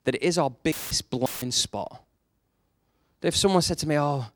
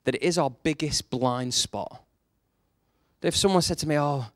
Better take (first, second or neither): second